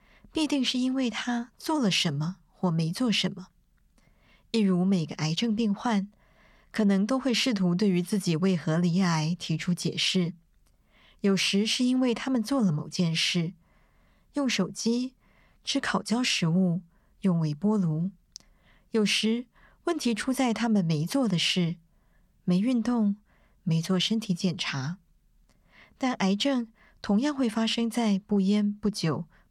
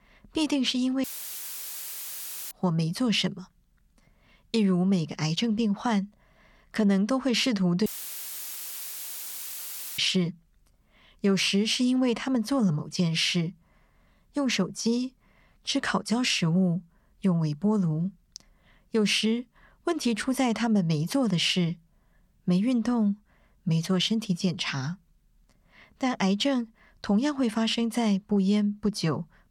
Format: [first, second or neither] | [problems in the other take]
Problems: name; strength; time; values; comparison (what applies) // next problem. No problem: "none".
first | audio cutting out; filled with static; at 1 s for 1.5 s and at 8 s for 2 s